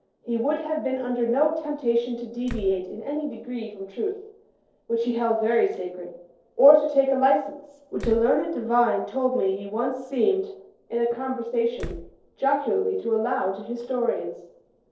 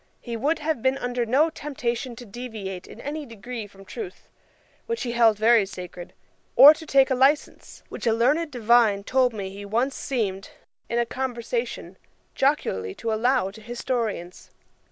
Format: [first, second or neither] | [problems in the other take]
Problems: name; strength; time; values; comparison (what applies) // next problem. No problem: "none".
second | noise reduction (neural separator model SepFormer DNS4)